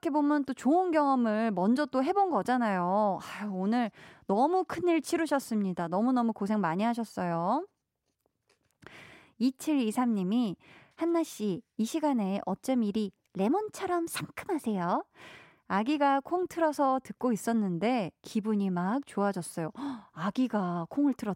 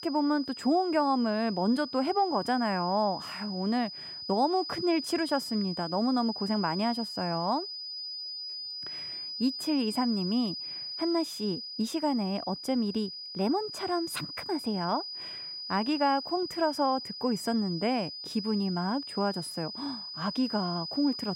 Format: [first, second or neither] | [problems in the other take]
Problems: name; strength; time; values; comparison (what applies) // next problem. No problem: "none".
first | high-pitched whine; loud; throughout; 5 kHz, 7 dB below the speech